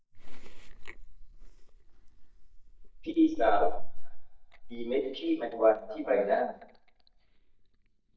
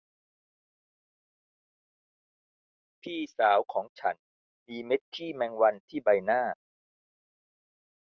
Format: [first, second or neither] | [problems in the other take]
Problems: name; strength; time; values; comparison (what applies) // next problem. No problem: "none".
second | noise reduction (neural mask model DeepFilterNet 3)